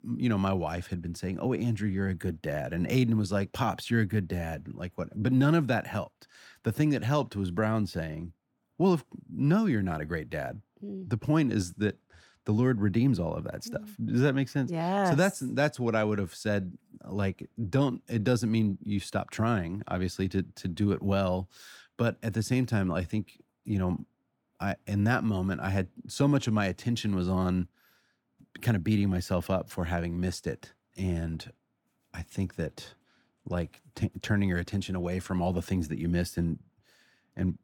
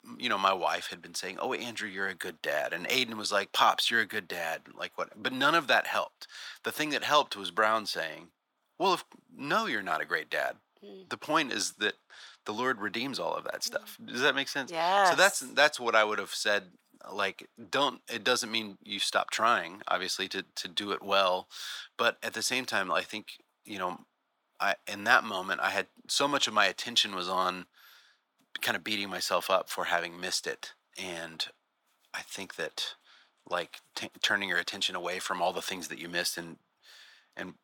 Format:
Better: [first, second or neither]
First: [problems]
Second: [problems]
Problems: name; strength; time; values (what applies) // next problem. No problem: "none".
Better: first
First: none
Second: thin; very; fading below 700 Hz